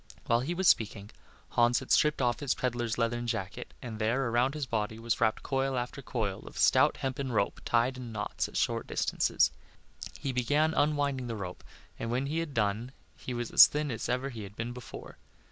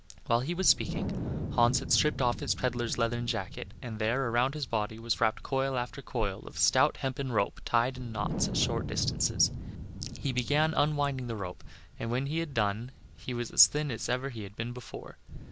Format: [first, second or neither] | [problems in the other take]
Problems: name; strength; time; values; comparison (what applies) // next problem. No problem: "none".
first | background sound (Wind); 9 dB below the speech